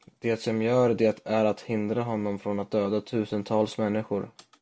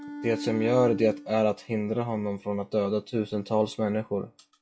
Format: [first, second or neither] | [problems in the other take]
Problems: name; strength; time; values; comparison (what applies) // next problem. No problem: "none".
first | noise reduction (classical method log-MMSE)